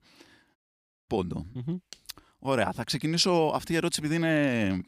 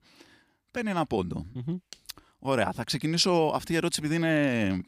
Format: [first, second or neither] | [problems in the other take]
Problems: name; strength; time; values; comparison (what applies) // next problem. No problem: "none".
second | audio cutting out; at 0.5 s for 0.5 s